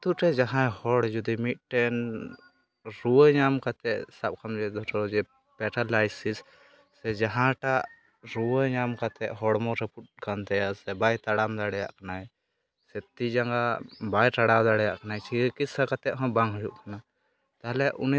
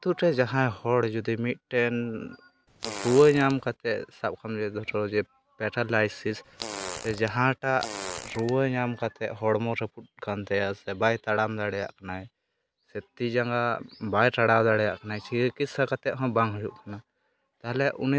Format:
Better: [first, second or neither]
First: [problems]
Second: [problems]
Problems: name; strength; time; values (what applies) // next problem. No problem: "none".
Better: first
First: none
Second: background sound (Fart); 11 dB below the speech